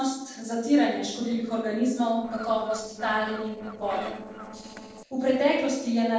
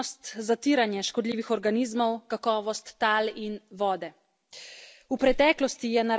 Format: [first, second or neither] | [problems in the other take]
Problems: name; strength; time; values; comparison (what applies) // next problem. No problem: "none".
second | noise reduction (neural separator model SepFormer DNS4)